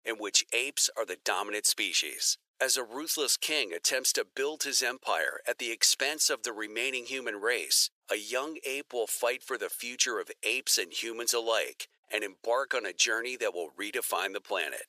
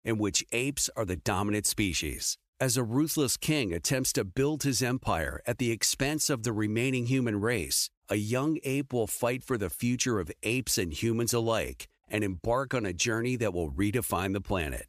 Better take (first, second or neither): second